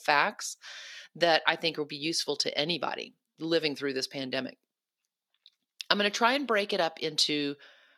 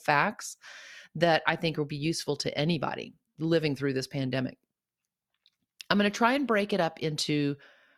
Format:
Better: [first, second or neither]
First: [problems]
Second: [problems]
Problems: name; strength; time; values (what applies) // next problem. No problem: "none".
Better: second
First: thin; very slightly; fading below 300 Hz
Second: none